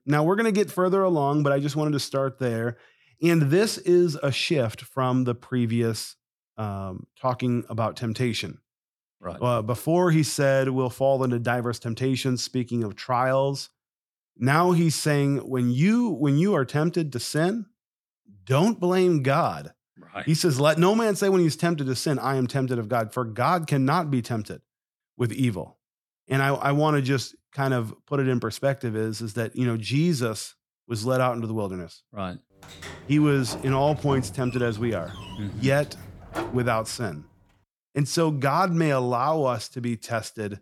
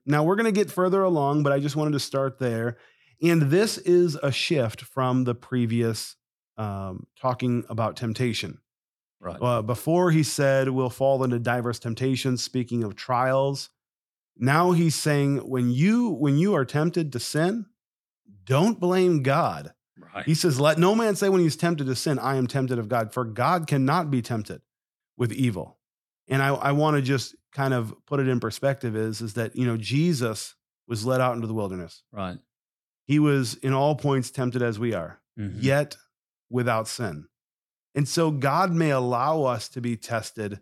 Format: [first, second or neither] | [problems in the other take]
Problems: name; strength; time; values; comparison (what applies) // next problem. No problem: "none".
second | door banging; noticeable; from 33 to 37 s; peak 9 dB below the speech